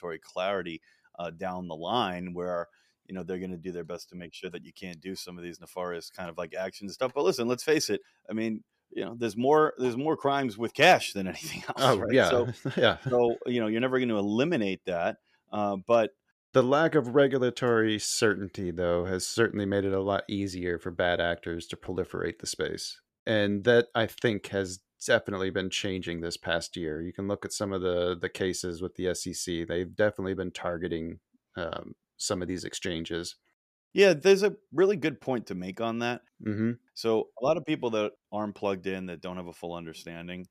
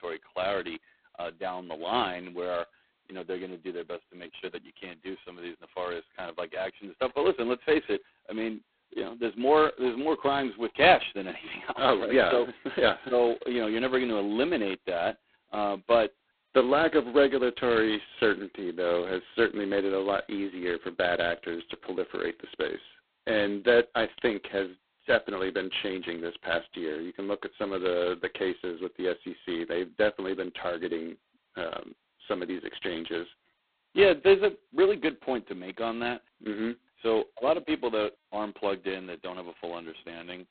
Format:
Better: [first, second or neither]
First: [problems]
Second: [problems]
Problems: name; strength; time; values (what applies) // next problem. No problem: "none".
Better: first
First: none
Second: phone-call audio; poor line; nothing above 4 kHz